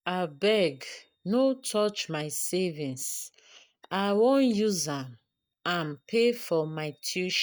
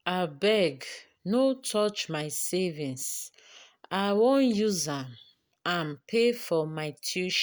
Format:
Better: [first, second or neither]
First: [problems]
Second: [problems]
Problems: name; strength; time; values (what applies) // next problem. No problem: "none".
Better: second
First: noise reduction (neural mask model DeepFilterNet 3)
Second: none